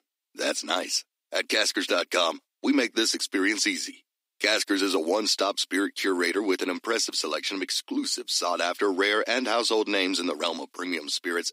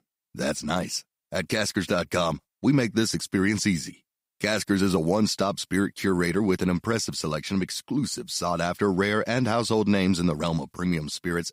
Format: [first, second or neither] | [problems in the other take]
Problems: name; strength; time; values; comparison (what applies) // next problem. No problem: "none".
second | thin; very slightly; fading below 250 Hz